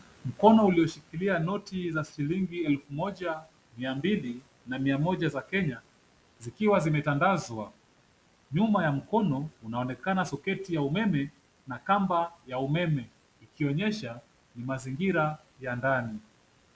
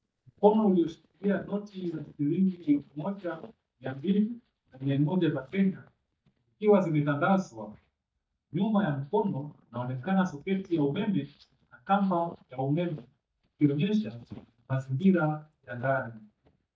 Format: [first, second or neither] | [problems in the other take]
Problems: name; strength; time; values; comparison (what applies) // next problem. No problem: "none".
first | noise reduction (neural mask model DeepFilterNet 3)